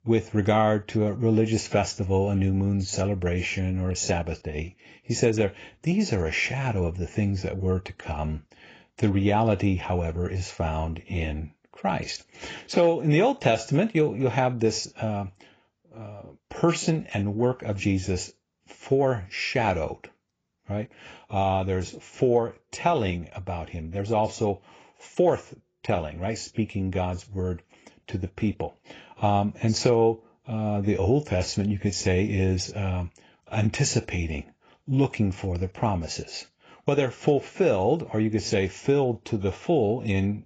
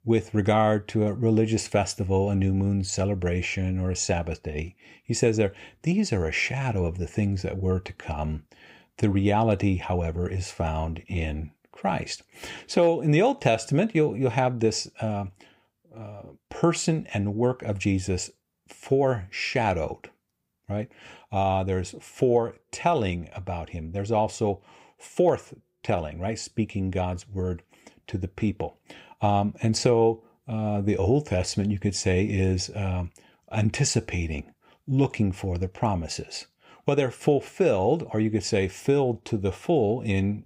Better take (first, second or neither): second